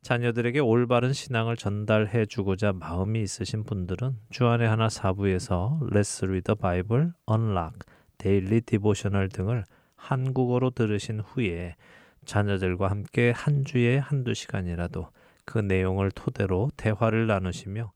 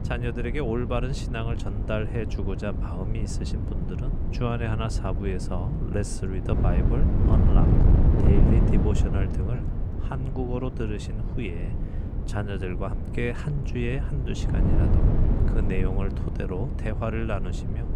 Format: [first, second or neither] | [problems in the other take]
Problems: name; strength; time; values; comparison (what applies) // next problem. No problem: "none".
first | wind noise on the microphone; heavy; 3 dB below the speech